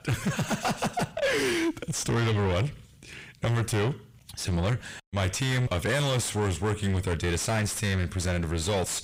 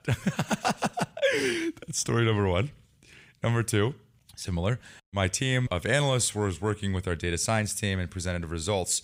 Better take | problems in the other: second | distortion; heavy; 6 dB below the speech

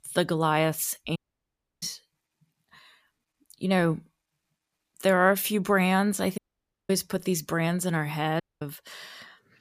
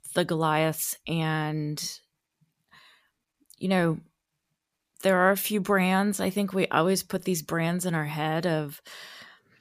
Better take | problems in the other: second | audio cutting out; at 1 s for 0.5 s, at 6.5 s for 0.5 s and at 8.5 s

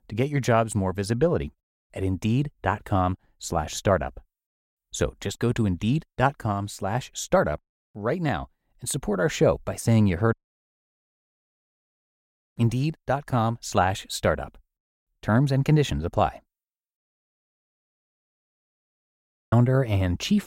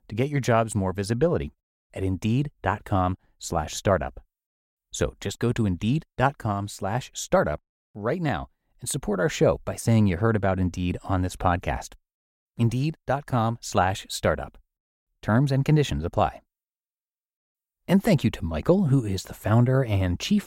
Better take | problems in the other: second | audio cutting out; at 10 s for 2 s and at 17 s for 2.5 s

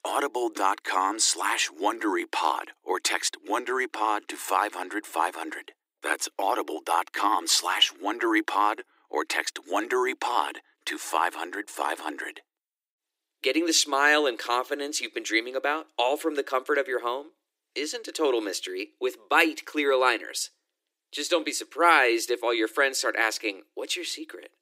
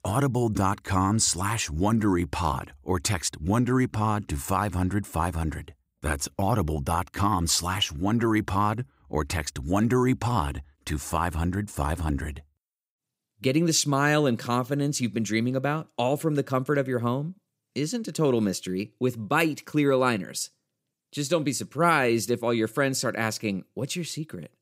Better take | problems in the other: second | thin; very; fading below 300 Hz

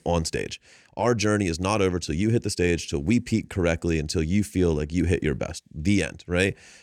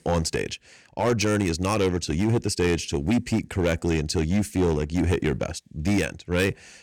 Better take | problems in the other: first | distortion; slight; 7% of the sound clipped

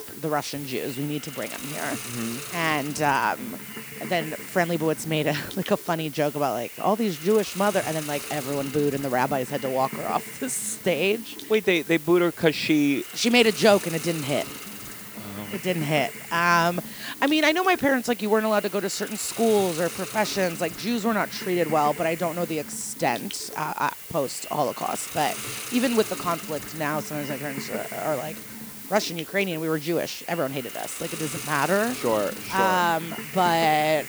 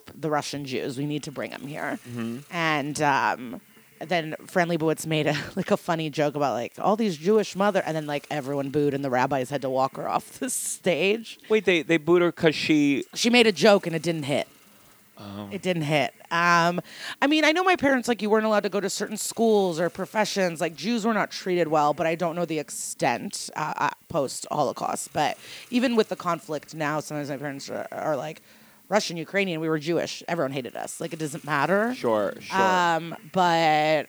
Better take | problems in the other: second | hiss; loud; throughout; 10 dB below the speech; faint in the second

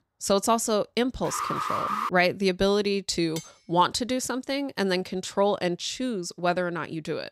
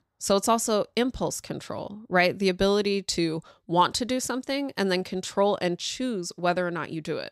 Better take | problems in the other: second | alarm; noticeable; at 1 s; peak 1 dB below the speech // clattering dishes; faint; at 3.5 s; peak 15 dB below the speech

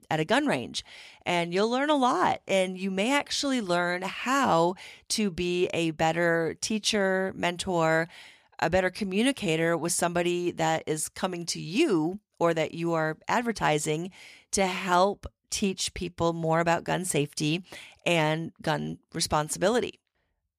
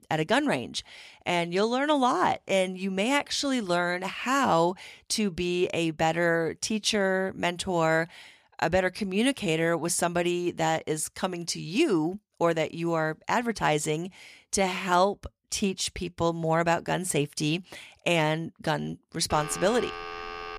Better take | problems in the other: first | phone ringing; noticeable; from 19 s on; peak 9 dB below the speech

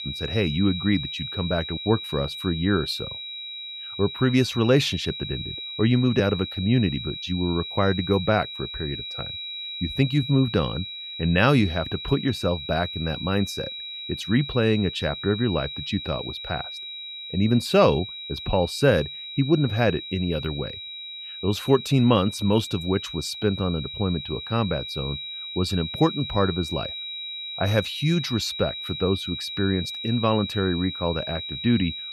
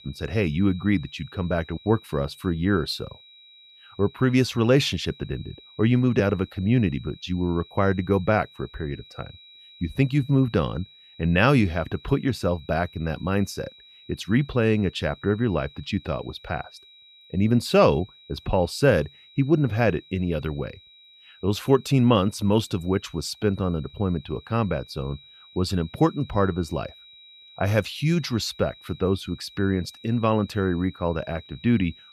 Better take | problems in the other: second | high-pitched whine; loud; throughout; 4 kHz, 8 dB below the speech; faint in the second

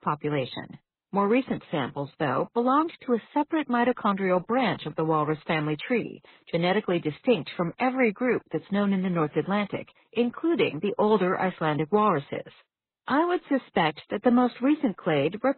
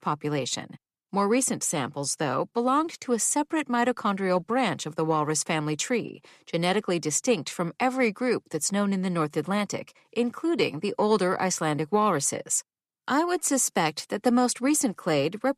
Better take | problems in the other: second | garbled, watery; badly; nothing above 4 kHz

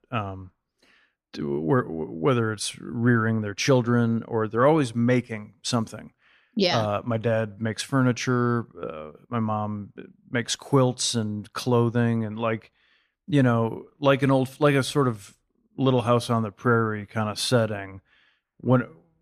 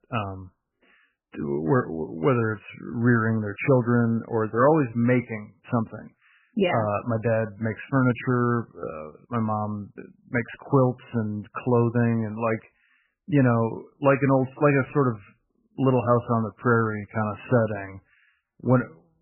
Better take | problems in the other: first | garbled, watery; badly; nothing above 3 kHz

